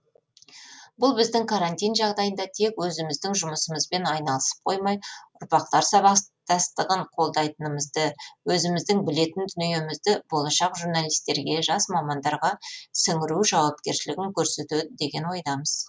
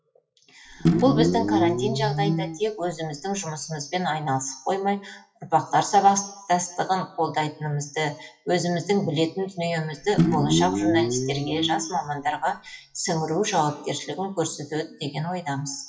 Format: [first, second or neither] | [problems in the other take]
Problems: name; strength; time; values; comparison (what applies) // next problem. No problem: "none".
first | noise reduction (classical method WPE with log-MMSE)